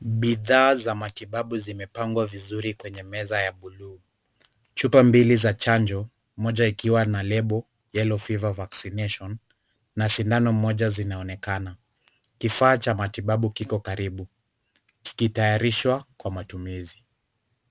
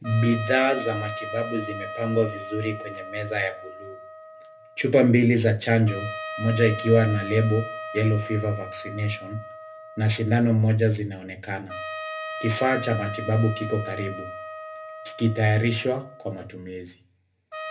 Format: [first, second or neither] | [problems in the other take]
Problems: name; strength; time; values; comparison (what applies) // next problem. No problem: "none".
first | background sound (Trumpet); 12 dB below the speech // room echo; dies away in 0.3 s